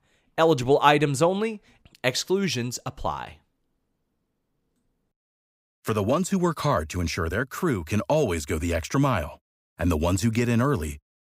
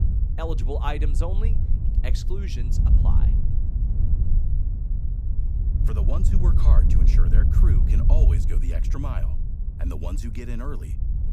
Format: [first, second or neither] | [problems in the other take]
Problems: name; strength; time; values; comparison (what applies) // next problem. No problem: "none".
first | wind noise on the microphone; heavy; 4 dB below the speech